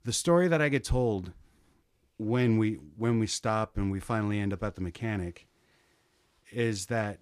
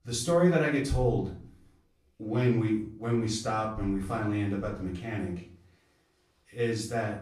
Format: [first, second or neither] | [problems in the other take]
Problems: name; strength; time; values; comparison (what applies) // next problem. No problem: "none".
first | off-mic speech; far // room echo; slight; dies away in 0.4 s